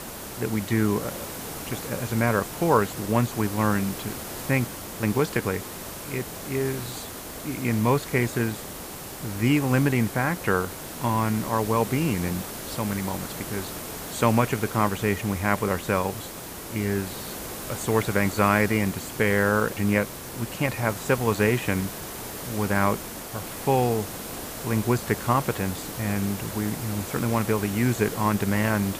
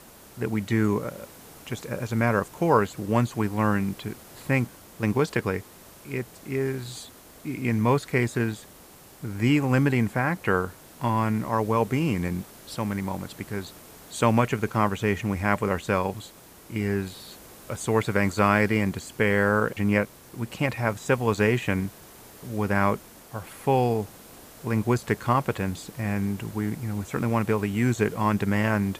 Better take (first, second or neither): second